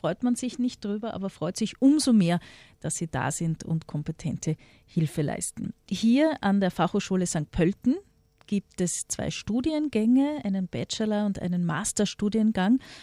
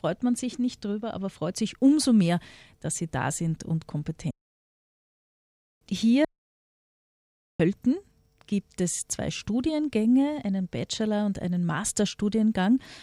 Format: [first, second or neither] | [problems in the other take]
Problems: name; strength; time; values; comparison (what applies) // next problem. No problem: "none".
first | audio cutting out; at 4.5 s for 1.5 s and at 6.5 s for 1.5 s